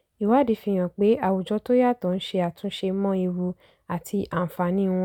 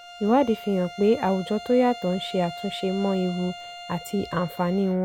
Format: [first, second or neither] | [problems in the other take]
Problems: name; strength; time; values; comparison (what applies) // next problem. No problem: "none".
first | background sound (Bowed string instrument); 15 dB below the speech